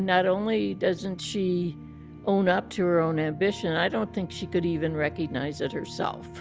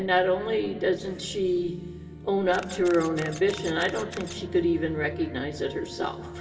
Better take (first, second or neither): first